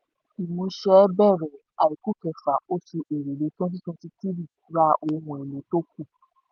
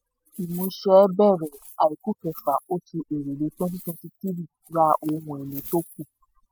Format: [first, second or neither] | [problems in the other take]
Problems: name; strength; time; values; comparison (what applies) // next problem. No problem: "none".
first | noise reduction (classical method spectral subtraction)